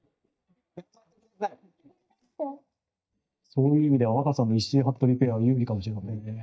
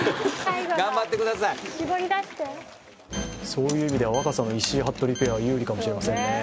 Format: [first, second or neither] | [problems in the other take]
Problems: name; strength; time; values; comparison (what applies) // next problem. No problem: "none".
second | noise reduction (neural mask model DeepFilterNet 3)